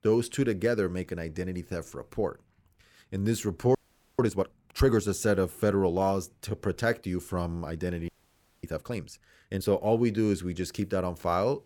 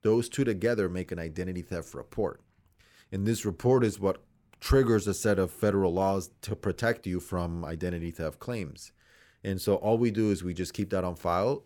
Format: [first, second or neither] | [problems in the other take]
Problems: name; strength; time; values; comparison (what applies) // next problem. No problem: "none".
second | audio freezing; at 4 s and at 8 s for 0.5 s